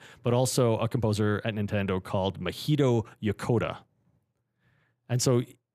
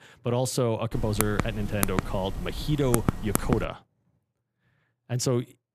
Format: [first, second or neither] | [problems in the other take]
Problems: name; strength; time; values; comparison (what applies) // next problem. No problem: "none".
first | keyboard typing; loud; from 1 to 3.5 s; peak level with the speech